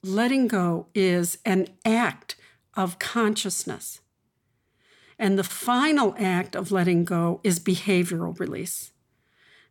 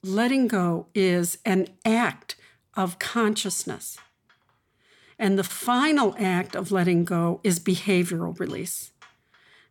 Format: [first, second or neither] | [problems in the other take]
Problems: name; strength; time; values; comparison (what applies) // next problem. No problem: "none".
first | hiss; faint; from 3 s on; 30 dB below the speech